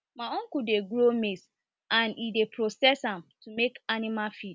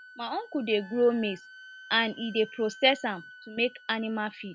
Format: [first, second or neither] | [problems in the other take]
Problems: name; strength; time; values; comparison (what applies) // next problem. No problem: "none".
first | background sound (Wind instrument, woodwind instrument + Wind instrument, woodwind instrument); 20 dB below the speech